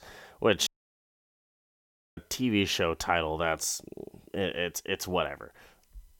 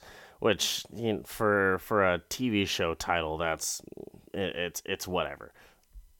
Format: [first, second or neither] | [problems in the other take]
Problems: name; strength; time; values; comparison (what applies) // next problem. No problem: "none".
second | audio cutting out; at 0.5 s for 1.5 s